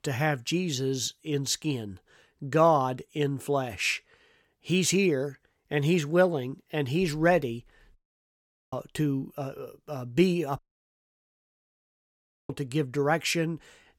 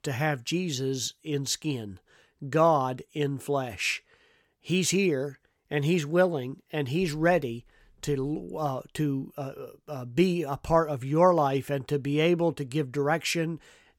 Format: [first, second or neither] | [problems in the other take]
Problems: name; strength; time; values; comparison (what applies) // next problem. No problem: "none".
second | audio cutting out; at 8 s for 1 s and at 11 s for 2 s